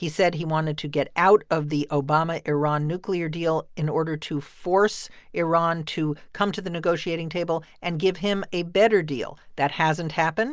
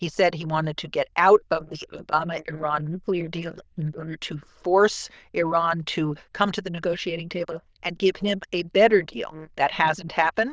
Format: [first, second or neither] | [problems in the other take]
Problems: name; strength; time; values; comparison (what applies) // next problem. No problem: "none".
first | noise reduction (neural diffusion model UNIVERSE++)